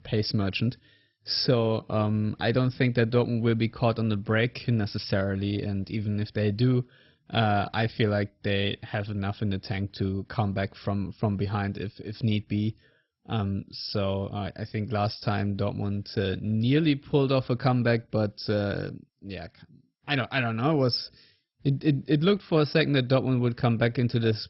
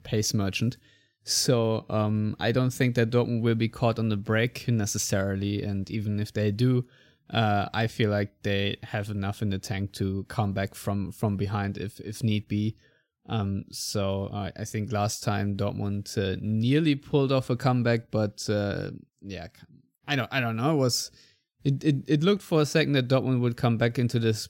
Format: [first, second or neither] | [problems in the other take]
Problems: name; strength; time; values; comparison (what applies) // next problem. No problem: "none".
second | garbled, watery; badly; nothing above 5.5 kHz